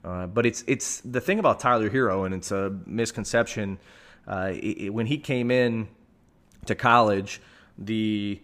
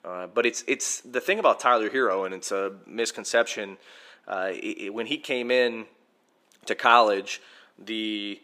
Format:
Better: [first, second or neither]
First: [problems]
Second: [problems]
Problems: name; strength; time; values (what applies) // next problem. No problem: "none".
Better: first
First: none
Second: thin; somewhat; fading below 350 Hz